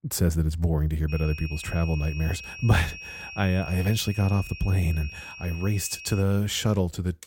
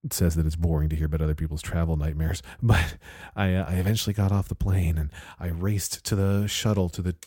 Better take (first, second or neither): second